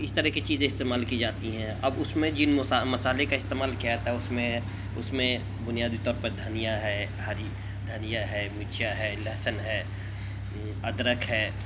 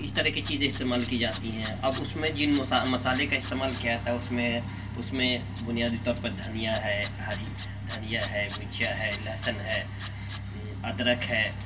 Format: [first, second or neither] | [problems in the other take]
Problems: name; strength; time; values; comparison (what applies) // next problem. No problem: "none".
first | background sound (Tools); 18 dB below the speech // room echo; dies away in 0.1 s